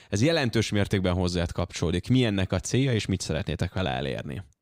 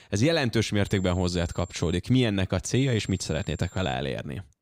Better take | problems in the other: first | high-pitched whine; faint; from 1 to 2 s and from 3 to 4 s; 7.5 kHz, 25 dB below the speech

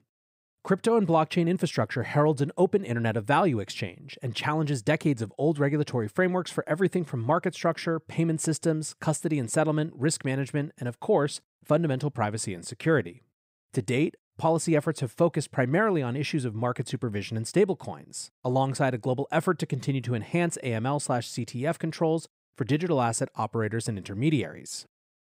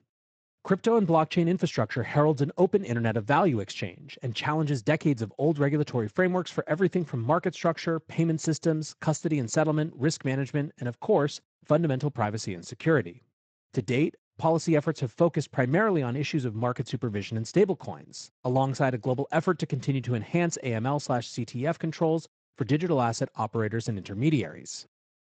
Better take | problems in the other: first | garbled, watery; slightly; nothing above 7.5 kHz

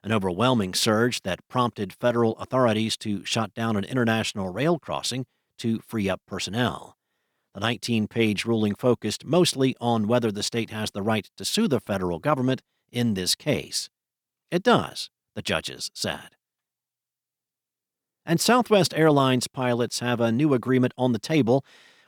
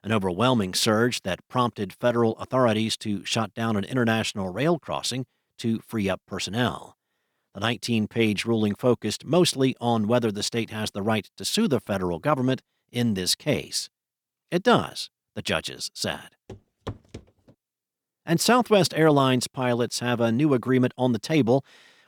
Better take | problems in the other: first | footsteps; faint; at 16 s; peak 15 dB below the speech

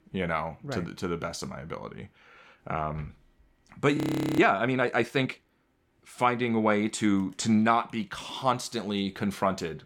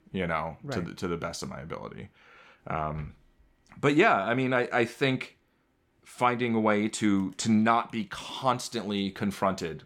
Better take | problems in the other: second | audio freezing; at 4 s

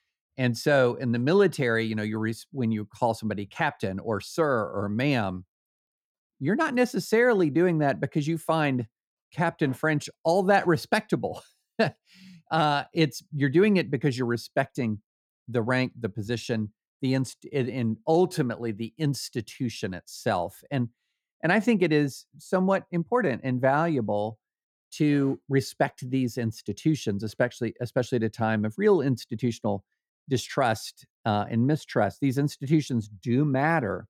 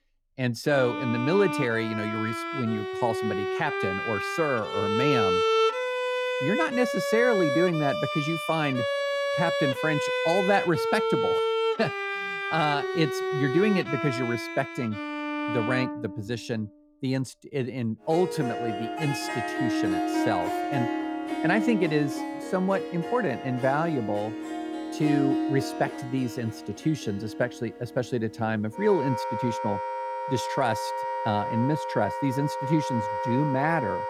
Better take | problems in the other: first | background music; loud; throughout; 1 dB below the speech

